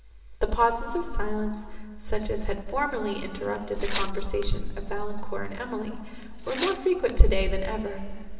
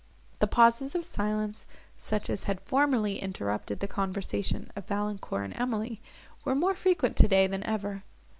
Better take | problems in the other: second | background sound (Tearing); 14 dB below the speech // room echo; dies away in 2.3 s

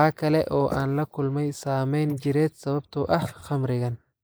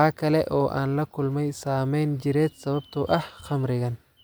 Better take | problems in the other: second | noise reduction (neural mask model Resemble Enhance denoiser)

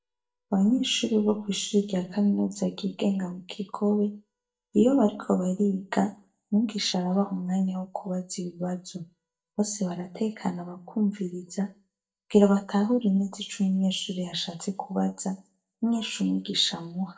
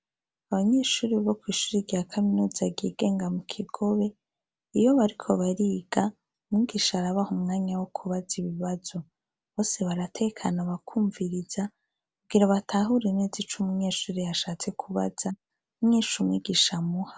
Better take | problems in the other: second | noise reduction (neural mask model DeepFilterNet 3)

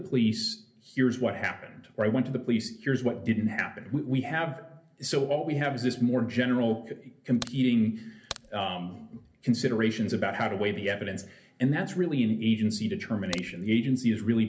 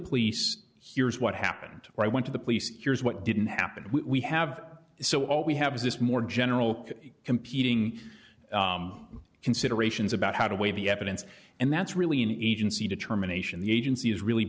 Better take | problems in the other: second | background sound (Crack); 14 dB below the speech // room echo; dies away in 0.3 s

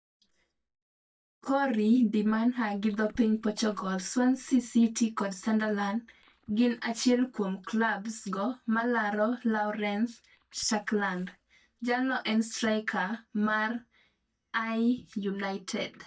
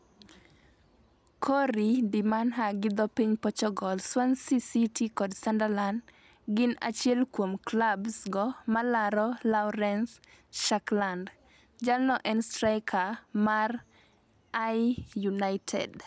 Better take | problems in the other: second | noise reduction (neural mask model DeepFilterNet 3)

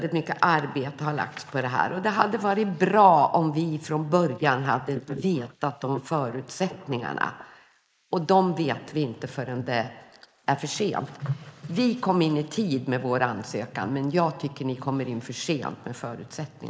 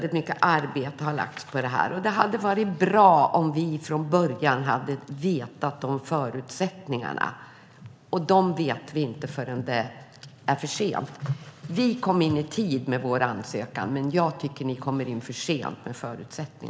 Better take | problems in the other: second | noise reduction (neural mask model Resemble Enhance denoiser)

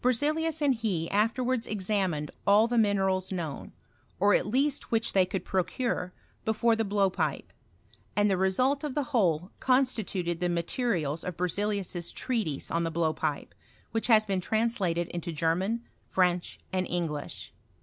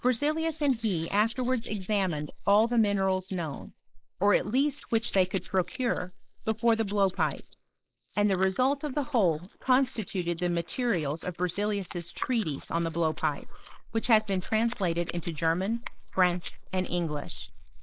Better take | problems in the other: first | noise reduction (neural mask model Resemble Enhance denoiser)

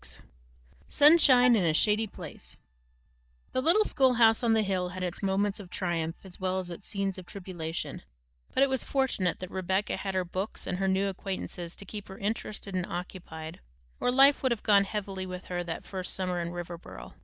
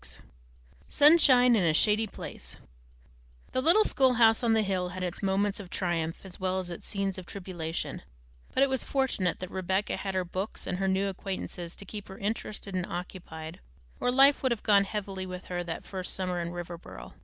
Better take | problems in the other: second | noise reduction (neural mask model DeepFilterNet 3)

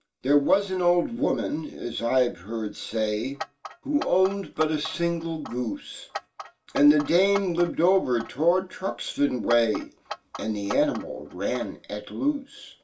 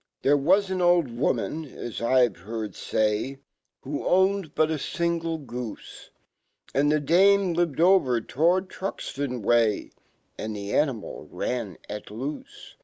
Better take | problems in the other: second | background sound (Clock); 14 dB below the speech // room echo; dies away in 0.2 s

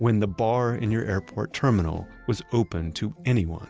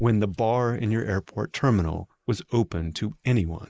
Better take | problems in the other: first | noise reduction (neural mask model Resemble Enhance denoiser)

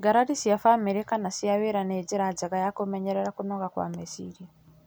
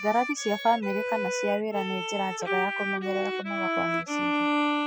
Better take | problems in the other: first | noise reduction (classical method spectral subtraction)

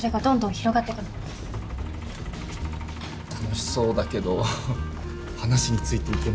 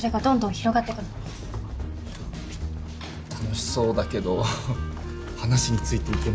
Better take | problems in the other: second | background sound (Truck); 16 dB below the speech

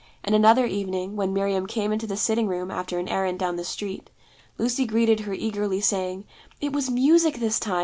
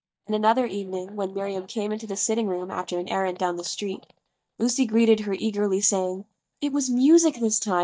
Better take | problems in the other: first | noise reduction (neural mask model DeepFilterNet 3)

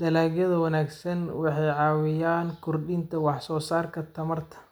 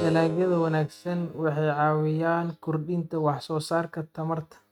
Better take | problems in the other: first | noise reduction (neural mask model RNNoise)

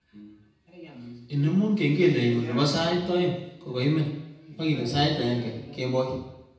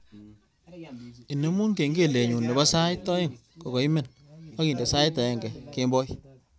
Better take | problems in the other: second | room echo; dies away in 0.9 s

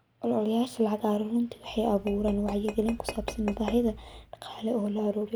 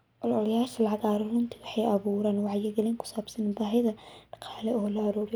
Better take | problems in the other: second | background sound (Tap / Glass); 10 dB below the speech

